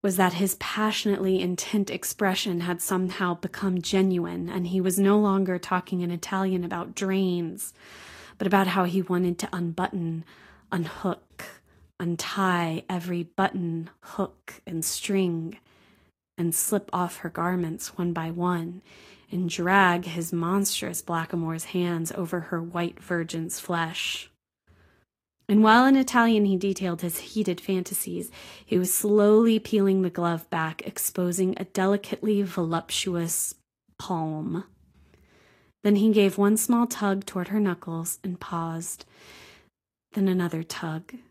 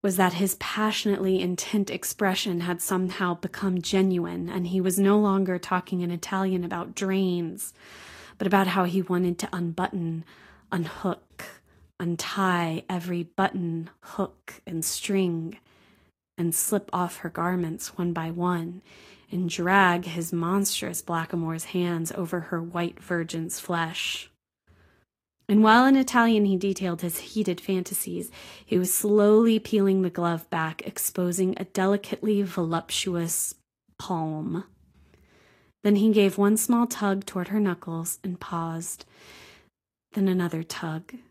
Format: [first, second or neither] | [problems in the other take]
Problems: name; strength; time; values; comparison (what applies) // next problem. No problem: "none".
neither | garbled, watery; slightly; nothing above 14.5 kHz; the same in both